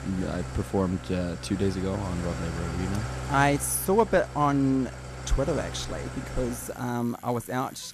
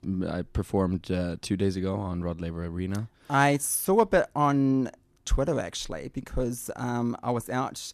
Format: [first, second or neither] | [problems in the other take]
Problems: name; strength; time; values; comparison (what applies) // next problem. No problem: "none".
second | traffic noise; loud; throughout; 9 dB below the speech